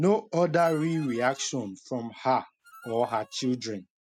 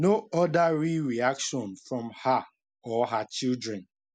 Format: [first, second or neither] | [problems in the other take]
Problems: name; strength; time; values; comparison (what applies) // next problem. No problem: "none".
second | noise reduction (neural mask model RNNoise)